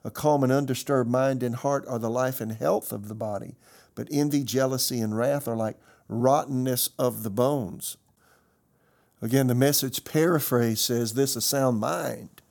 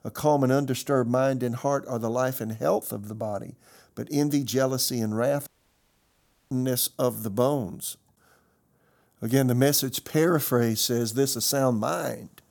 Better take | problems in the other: first | audio cutting out; at 5.5 s for 1 s

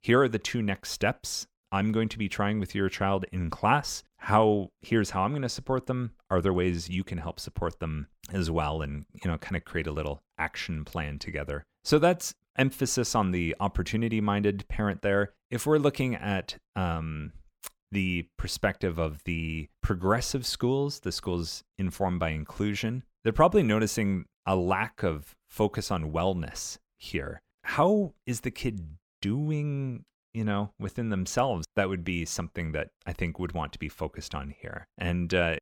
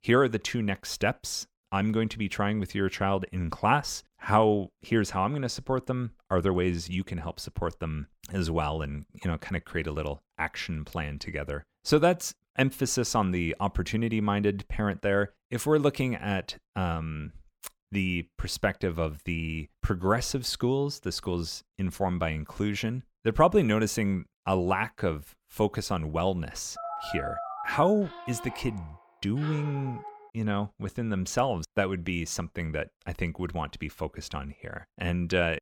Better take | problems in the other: first | phone ringing; noticeable; from 27 to 30 s; peak 6 dB below the speech

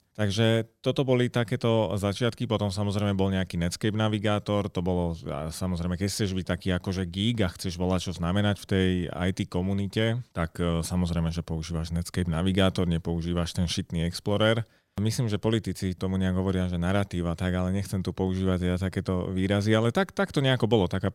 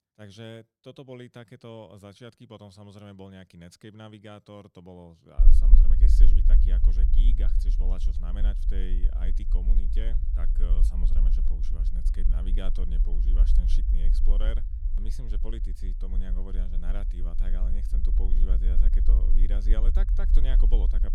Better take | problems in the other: first | low rumble; loud; from 5.5 s on; 4 dB below the speech

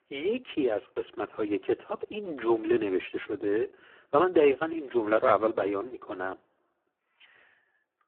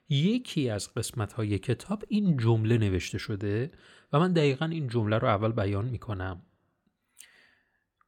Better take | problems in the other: second | phone-call audio; poor line

